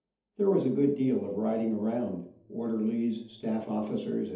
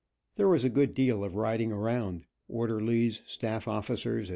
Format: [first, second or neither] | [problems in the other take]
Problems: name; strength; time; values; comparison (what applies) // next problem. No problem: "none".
second | room echo; dies away in 0.6 s